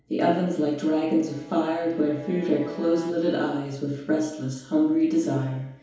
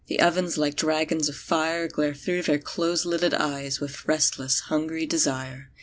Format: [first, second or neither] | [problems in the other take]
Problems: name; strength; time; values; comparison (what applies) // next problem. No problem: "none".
second | background sound (Bowed string instrument); 20 dB below the speech // room echo; dies away in 2.2 s